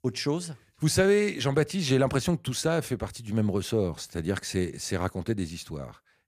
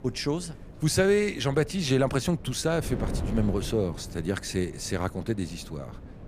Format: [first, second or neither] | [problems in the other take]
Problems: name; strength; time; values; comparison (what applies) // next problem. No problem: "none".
first | wind noise on the microphone; occasional gusts; 15 dB below the speech